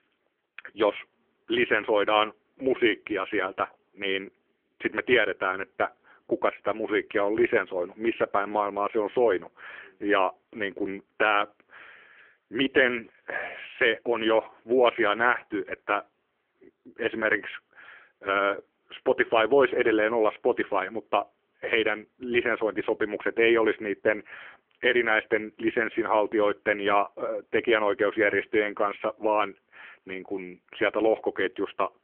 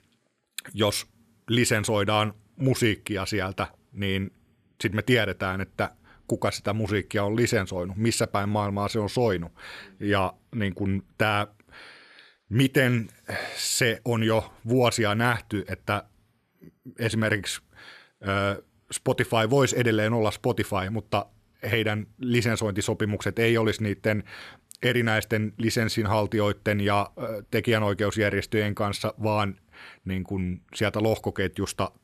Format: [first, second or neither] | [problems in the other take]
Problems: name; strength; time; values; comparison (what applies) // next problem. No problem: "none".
second | phone-call audio; poor line; nothing above 3 kHz